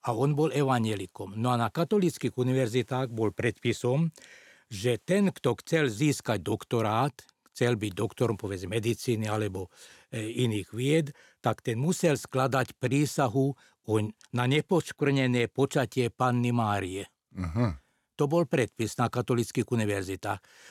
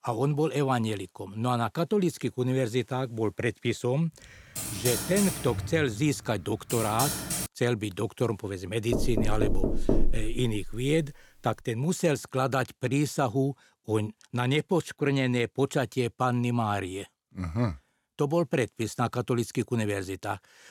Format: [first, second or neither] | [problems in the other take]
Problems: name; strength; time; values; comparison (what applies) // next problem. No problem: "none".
first | keyboard typing; loud; from 4.5 to 7.5 s; peak level with the speech // door banging; loud; from 9 to 11 s; peak 1 dB above the speech